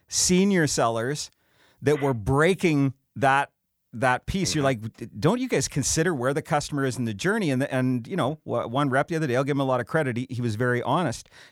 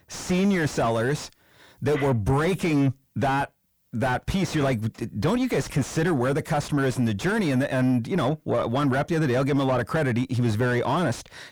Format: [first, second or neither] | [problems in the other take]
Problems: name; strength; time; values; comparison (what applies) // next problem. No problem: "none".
first | distortion; heavy; 5 dB below the speech